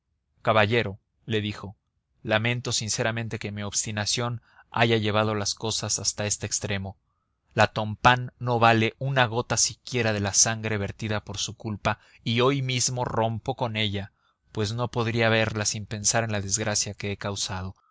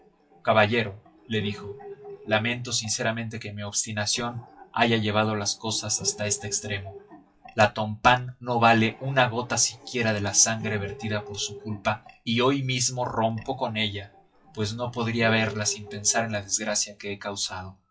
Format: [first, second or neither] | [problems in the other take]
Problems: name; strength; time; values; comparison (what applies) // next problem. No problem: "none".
first | noise reduction (classical method WPE with log-MMSE)